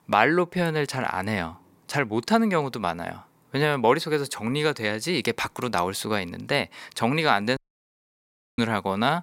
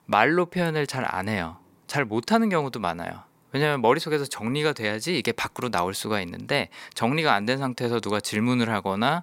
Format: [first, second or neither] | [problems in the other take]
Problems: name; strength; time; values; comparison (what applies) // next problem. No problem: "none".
second | audio cutting out; at 7.5 s for 1 s